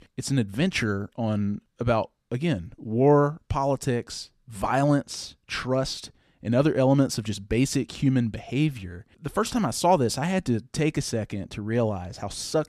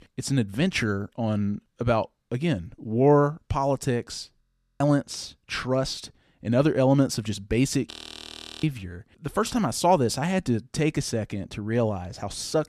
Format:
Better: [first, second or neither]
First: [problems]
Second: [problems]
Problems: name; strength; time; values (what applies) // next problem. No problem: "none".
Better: first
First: none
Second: audio freezing; at 4.5 s and at 8 s for 0.5 s